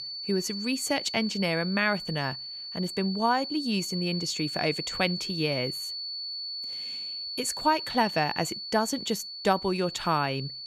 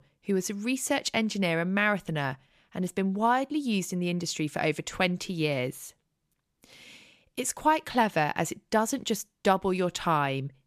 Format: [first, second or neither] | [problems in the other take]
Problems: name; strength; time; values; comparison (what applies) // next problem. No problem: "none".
second | high-pitched whine; loud; throughout; 4.5 kHz, 5 dB below the speech